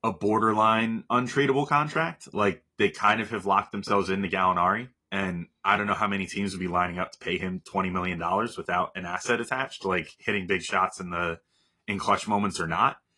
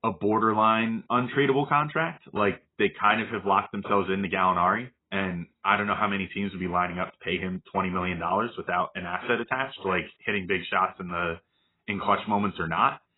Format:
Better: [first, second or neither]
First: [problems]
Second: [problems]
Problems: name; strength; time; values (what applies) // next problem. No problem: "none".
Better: first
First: garbled, watery; slightly; nothing above 10 kHz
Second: garbled, watery; badly; nothing above 3.5 kHz